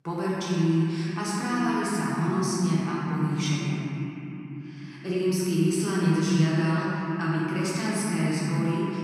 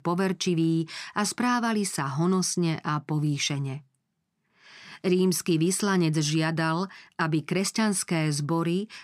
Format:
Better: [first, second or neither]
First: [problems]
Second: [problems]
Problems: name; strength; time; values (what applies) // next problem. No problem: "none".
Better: second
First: room echo; strong; dies away in 3 s // off-mic speech; far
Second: none